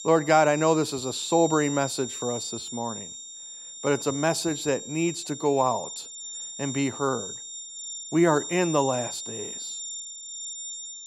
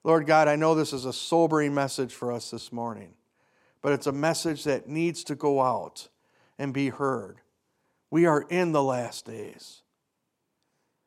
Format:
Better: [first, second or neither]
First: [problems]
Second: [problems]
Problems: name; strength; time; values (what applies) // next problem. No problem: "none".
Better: second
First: high-pitched whine; loud; throughout; 7.5 kHz, 9 dB below the speech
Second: none